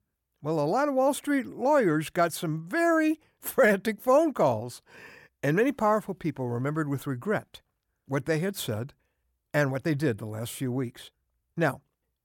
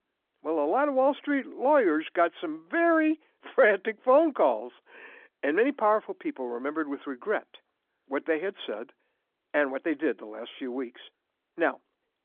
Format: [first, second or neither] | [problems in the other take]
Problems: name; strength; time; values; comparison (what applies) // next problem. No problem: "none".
first | phone-call audio; nothing above 3.5 kHz